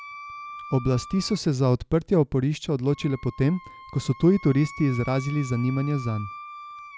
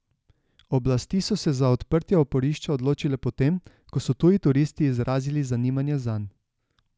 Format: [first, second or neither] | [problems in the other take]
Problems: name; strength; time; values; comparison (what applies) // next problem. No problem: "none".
second | background sound (Wind instrument, woodwind instrument); 17 dB below the speech